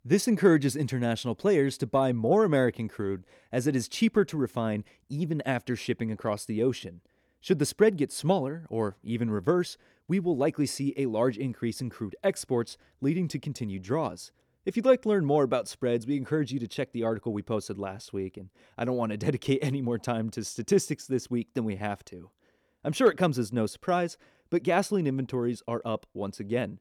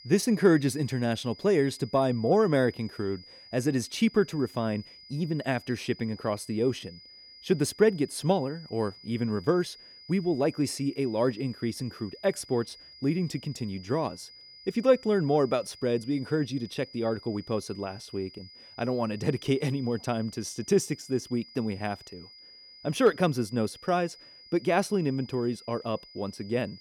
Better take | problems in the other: first | high-pitched whine; noticeable; throughout; 5 kHz, 20 dB below the speech

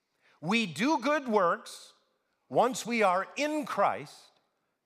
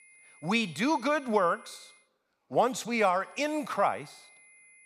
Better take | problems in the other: first | high-pitched whine; faint; until 2 s and from 3.5 s on; 2 kHz, 25 dB below the speech

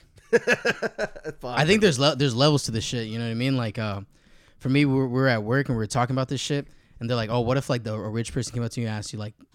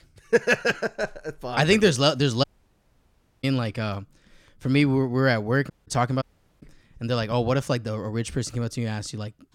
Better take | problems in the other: first | audio cutting out; at 2.5 s for 1 s, at 5.5 s and at 6 s

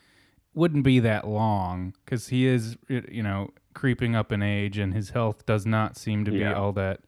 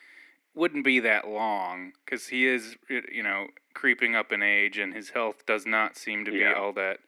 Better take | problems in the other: first | thin; somewhat; fading below 300 Hz

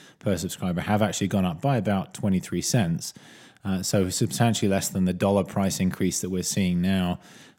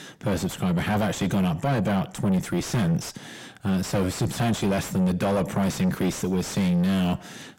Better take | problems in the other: first | distortion; heavy; 6 dB below the speech

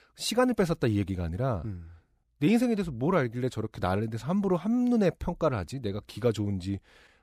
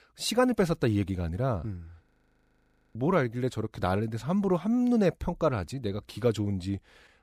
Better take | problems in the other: first | audio freezing; at 2 s for 1 s

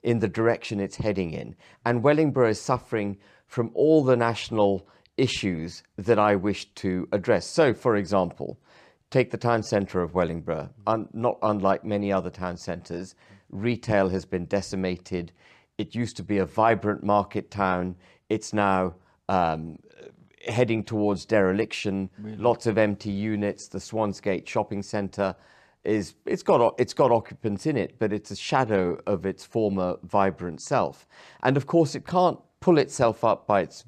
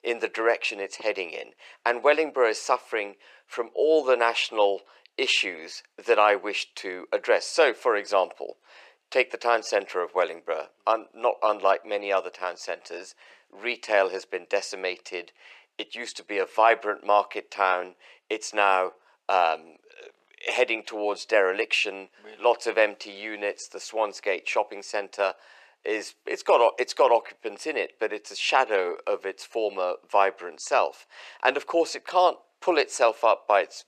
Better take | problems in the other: first | thin; very; fading below 450 Hz

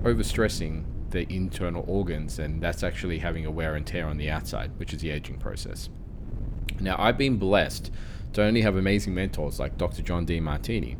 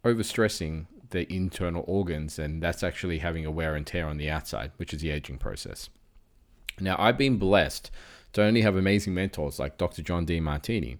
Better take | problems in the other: second | wind noise on the microphone; occasional gusts; 20 dB below the speech

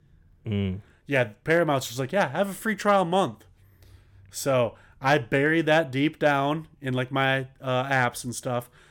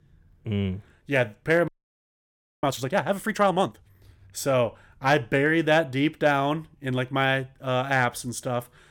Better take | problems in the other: first | audio freezing; at 1.5 s for 1 s

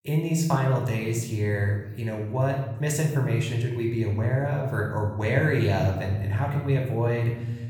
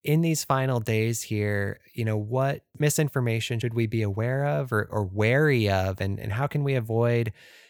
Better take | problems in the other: second | off-mic speech; somewhat distant // room echo; noticeable; dies away in 1.3 s

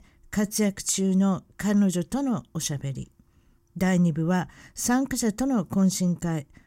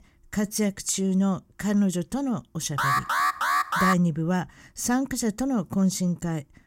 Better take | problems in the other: first | alarm; loud; from 3 to 4 s; peak 3 dB above the speech

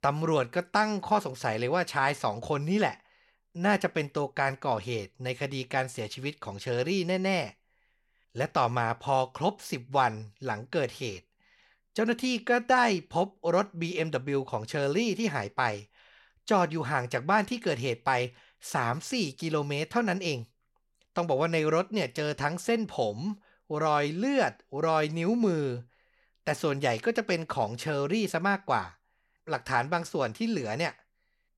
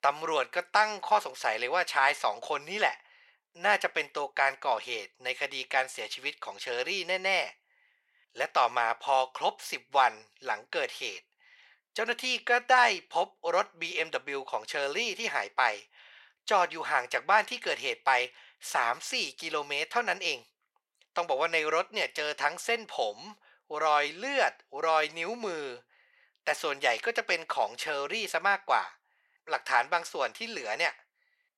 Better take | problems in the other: first | thin; very; fading below 700 Hz

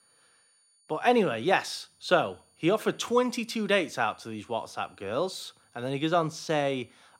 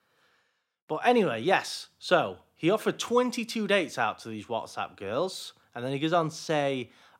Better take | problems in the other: second | high-pitched whine; faint; throughout; 9.5 kHz, 35 dB below the speech

